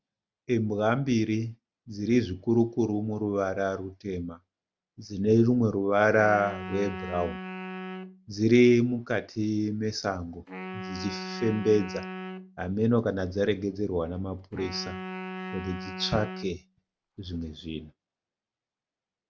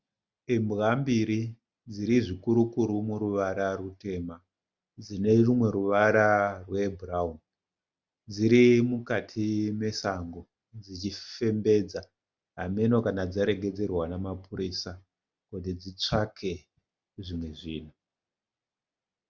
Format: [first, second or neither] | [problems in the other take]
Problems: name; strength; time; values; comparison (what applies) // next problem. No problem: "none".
second | background sound (Wind instrument, woodwind instrument); 11 dB below the speech